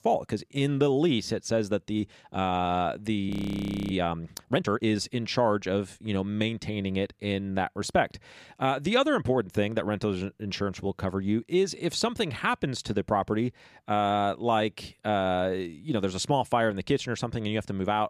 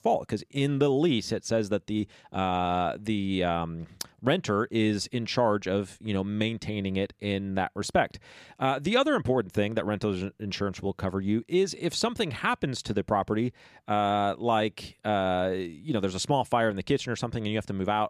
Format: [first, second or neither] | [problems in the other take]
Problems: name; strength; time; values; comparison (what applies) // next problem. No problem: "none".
second | audio freezing; at 3.5 s for 0.5 s